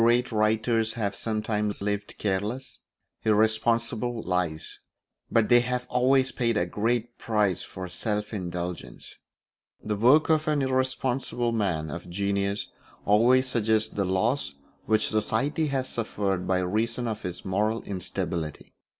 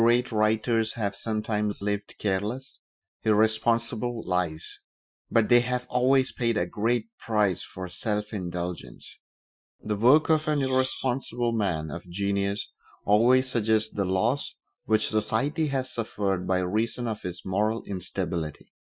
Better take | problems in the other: first | noise reduction (classical method Wiener filter)

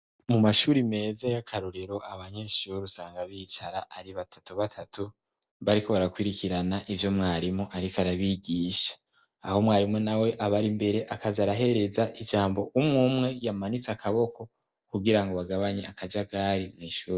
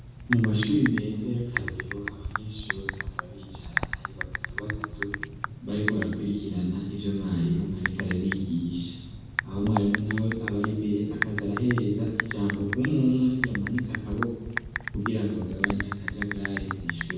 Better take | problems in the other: first | background sound (Typing); 6 dB below the speech // room echo; dies away in 1.1 s

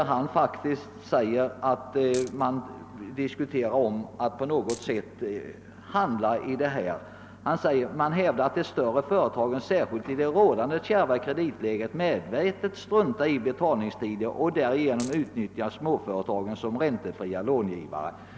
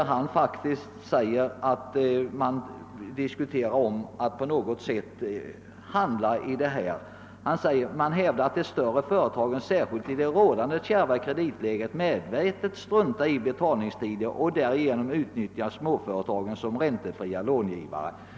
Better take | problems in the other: second | background sound (Coin (dropping)); 16 dB below the speech

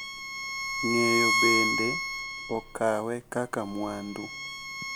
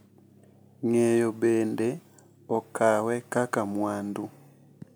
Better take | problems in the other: second | background sound (Bowed string instrument); 1 dB above the speech

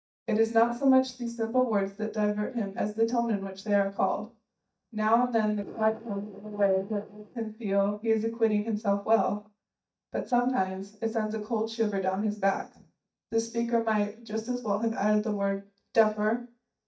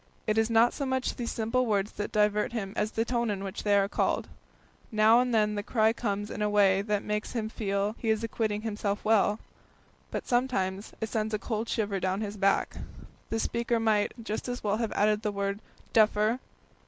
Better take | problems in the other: second | noise reduction (neural mask model DeepFilterNet 3)

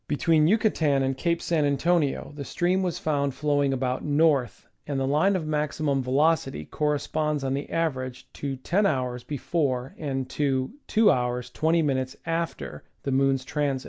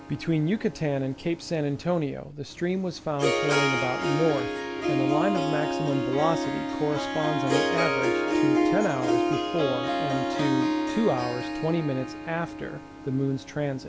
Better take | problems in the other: first | background sound (Harp); as loud as the speech

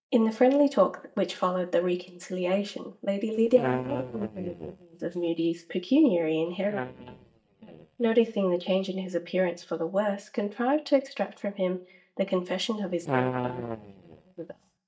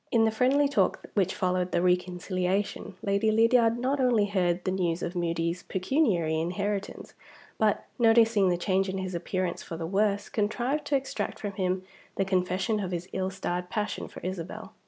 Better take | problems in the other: second | noise reduction (neural mask model DeepFilterNet 3)

